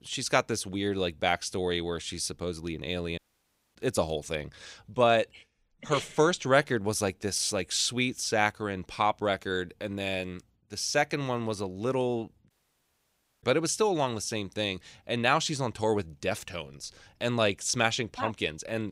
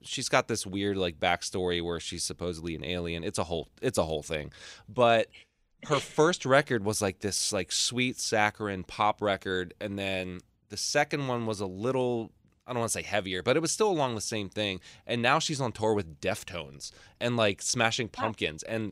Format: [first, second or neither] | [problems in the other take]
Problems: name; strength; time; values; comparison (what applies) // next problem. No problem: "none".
second | audio cutting out; at 3 s for 0.5 s and at 13 s for 1 s